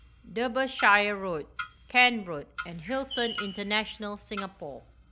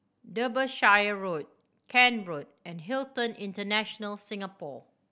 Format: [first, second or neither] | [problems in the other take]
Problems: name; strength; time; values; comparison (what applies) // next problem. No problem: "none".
second | background sound (Clock + Bird); 14 dB below the speech